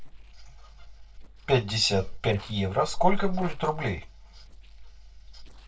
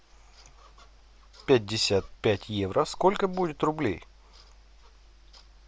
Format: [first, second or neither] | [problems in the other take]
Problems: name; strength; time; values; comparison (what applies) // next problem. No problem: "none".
second | noise reduction (neural separator model SepFormer DNS4)